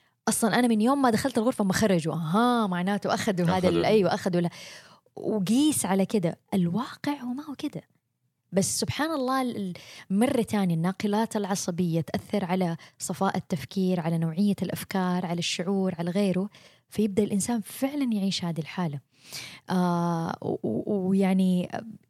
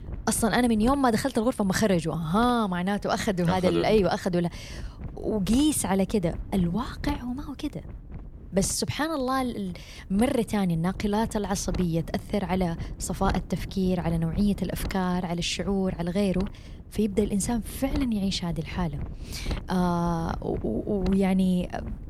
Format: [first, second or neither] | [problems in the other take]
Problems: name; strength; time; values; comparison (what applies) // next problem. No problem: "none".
first | wind noise on the microphone; occasional gusts; 20 dB below the speech